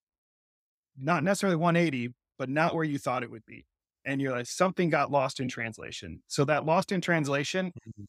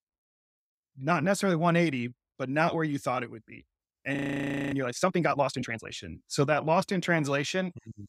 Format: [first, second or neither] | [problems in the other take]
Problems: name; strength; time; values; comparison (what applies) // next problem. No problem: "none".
first | audio freezing; at 4 s for 0.5 s